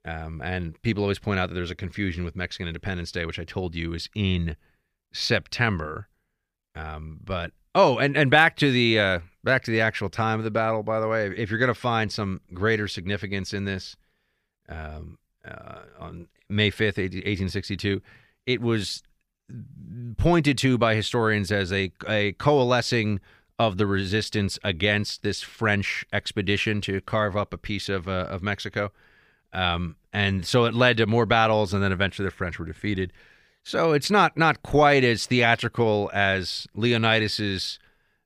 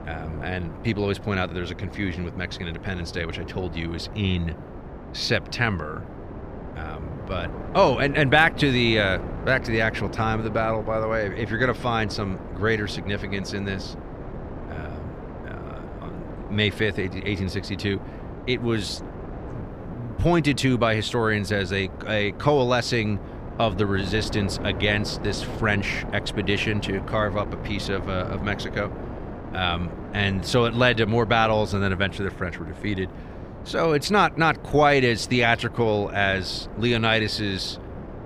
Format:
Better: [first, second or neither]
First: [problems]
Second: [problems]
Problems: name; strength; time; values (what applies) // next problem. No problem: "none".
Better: first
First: none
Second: wind noise on the microphone; occasional gusts; 15 dB below the speech